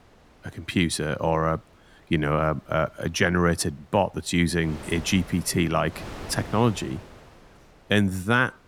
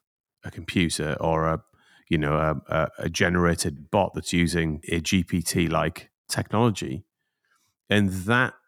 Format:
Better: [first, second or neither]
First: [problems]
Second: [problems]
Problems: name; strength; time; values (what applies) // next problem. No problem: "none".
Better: second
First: wind noise on the microphone; occasional gusts; 20 dB below the speech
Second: none